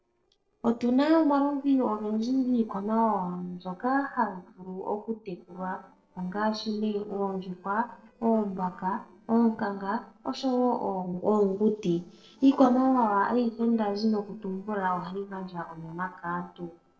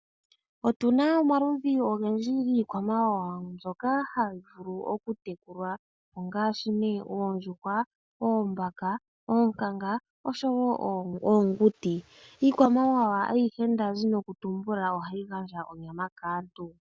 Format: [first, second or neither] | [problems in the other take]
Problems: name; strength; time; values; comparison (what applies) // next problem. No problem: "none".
second | noise reduction (neural separator model SepFormer DNS4)